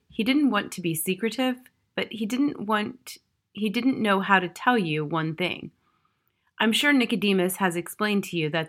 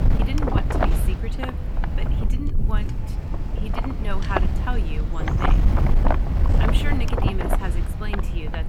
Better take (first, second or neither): first